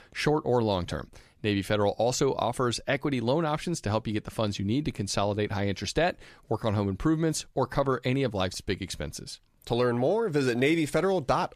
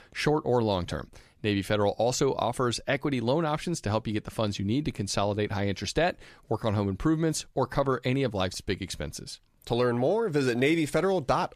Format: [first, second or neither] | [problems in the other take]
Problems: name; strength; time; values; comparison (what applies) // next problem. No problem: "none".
neither | none